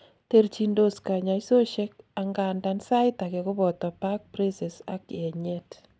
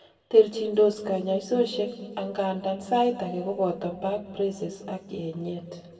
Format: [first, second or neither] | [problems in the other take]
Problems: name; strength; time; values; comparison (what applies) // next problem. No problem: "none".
first | room echo; dies away in 1.8 s